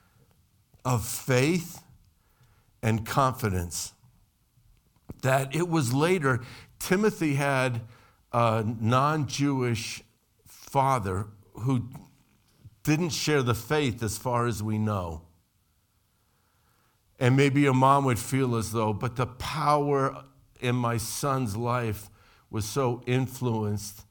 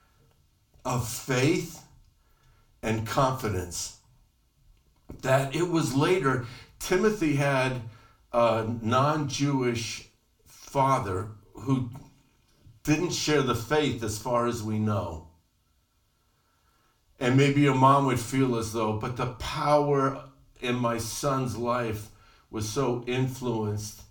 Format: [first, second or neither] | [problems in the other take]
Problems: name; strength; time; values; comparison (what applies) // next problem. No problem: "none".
first | room echo; very slight; dies away in 0.3 s // off-mic speech; somewhat distant